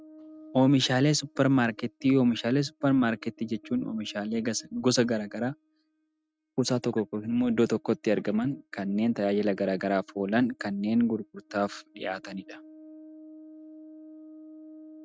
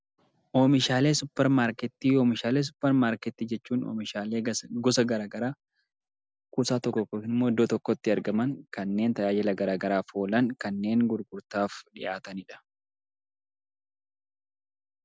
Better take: second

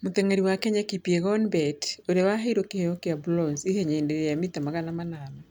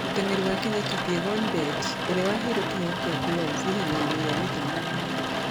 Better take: first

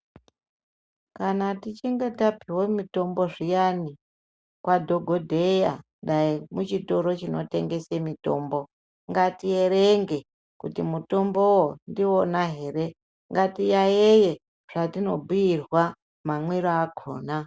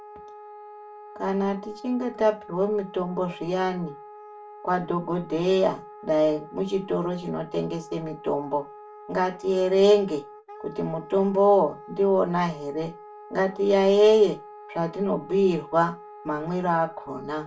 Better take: first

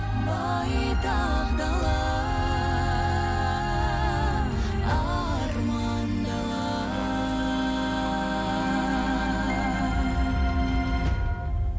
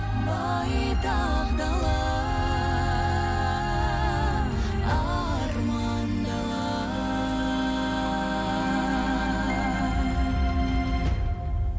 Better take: second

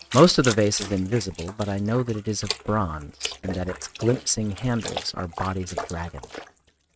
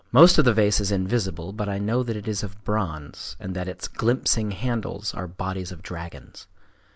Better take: second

